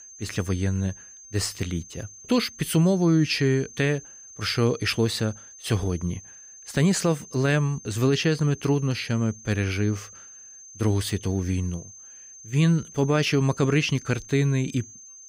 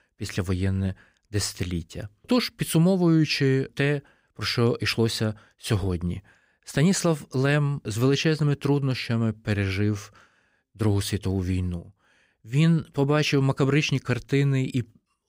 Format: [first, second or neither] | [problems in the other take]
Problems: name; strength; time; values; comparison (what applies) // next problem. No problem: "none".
second | high-pitched whine; noticeable; throughout; 6.5 kHz, 20 dB below the speech